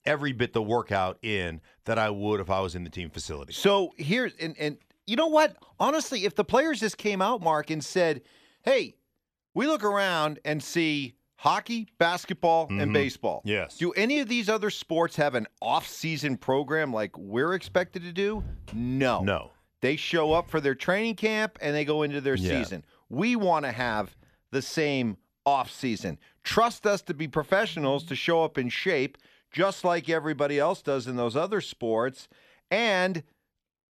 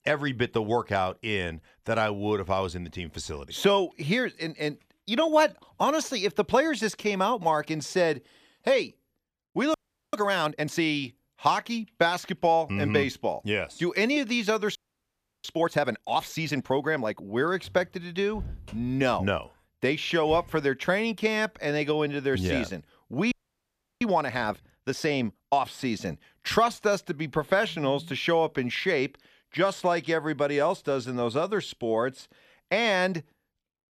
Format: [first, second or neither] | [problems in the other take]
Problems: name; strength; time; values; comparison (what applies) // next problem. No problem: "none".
first | audio freezing; at 9.5 s, at 15 s for 0.5 s and at 23 s for 0.5 s